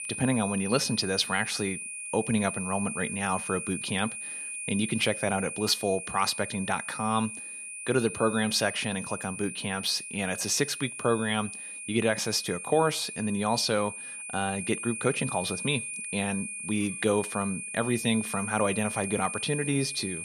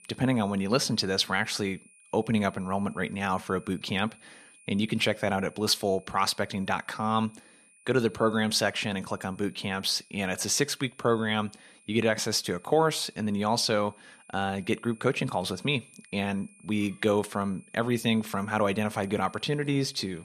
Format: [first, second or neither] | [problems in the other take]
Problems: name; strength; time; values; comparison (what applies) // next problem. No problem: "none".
second | high-pitched whine; loud; throughout; 2.5 kHz, 6 dB below the speech; faint in the second